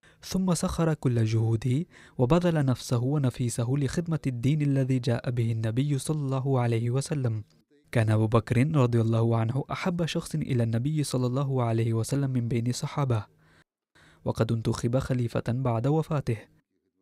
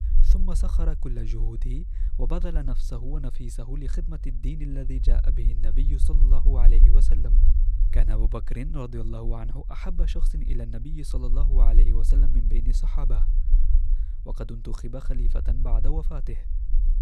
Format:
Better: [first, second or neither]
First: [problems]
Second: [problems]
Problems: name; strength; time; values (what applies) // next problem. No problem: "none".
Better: first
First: none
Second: low rumble; loud; throughout; 9 dB below the speech